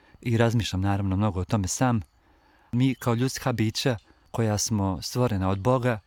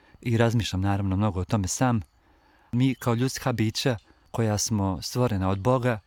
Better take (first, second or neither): neither